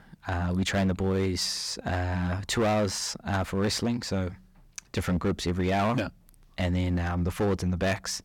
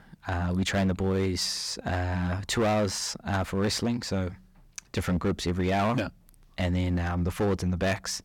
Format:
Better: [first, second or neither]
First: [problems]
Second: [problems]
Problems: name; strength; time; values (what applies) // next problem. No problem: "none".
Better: neither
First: distortion; slight; 9% of the sound clipped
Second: distortion; slight; 9% of the sound clipped